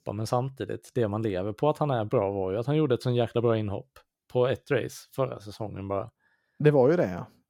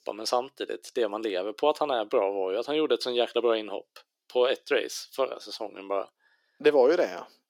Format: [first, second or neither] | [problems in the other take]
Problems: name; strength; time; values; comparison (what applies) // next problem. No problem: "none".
first | thin; somewhat; fading below 350 Hz